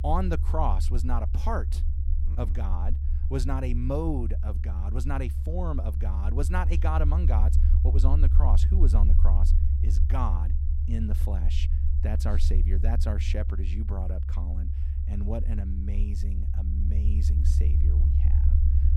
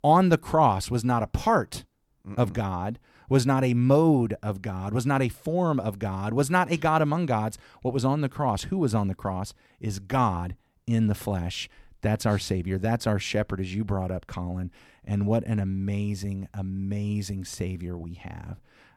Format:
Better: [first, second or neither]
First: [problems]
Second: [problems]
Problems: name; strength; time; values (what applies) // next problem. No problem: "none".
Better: second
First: low rumble; loud; throughout; 8 dB below the speech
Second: none